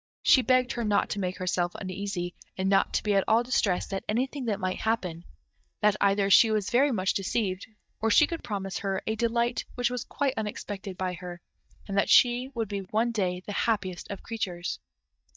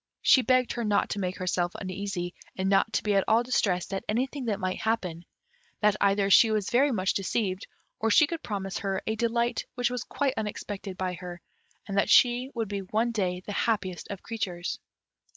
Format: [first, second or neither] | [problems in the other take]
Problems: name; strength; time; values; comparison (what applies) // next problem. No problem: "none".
second | noise reduction (neural mask model DeepFilterNet 3)